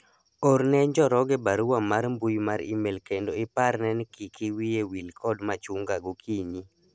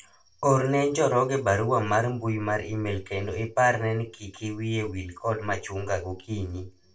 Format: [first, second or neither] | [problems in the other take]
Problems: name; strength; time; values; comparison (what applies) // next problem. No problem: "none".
first | room echo; dies away in 0.2 s